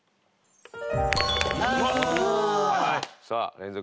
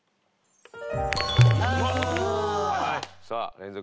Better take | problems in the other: first | background sound (Tabla); 3 dB above the speech

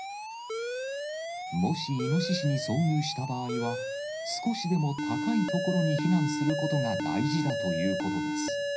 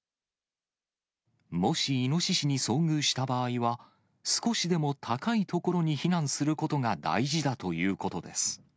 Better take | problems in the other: second | background sound (Alarm); 3 dB below the speech // room echo; dies away in 0.4 s

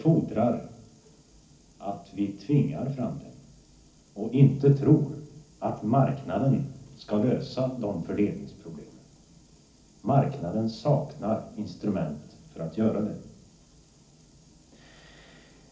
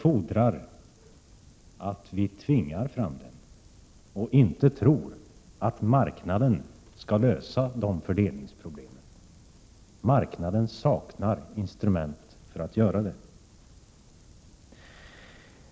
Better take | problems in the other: second | room echo; dies away in 0.4 s

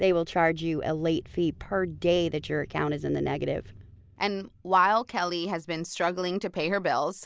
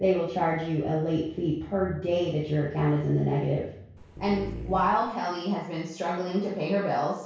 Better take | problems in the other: first | background sound (Dog); 11 dB below the speech // room echo; dies away in 0.6 s

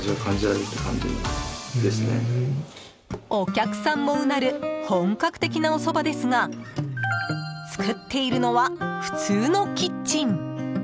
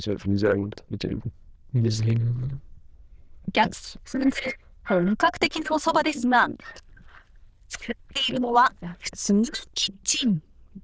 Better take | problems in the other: first | noise reduction (neural diffusion model UNIVERSE++)

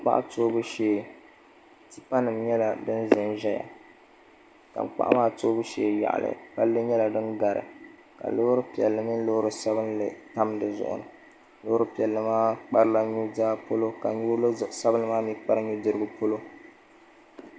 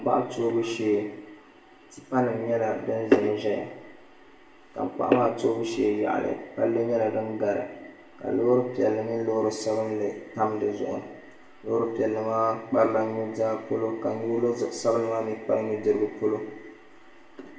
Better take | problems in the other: first | room echo; dies away in 0.6 s

